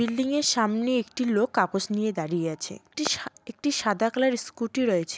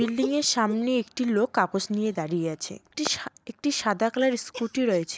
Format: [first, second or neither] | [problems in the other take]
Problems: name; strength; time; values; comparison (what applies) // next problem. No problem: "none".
first | noise reduction (neural mask model Resemble Enhance denoiser)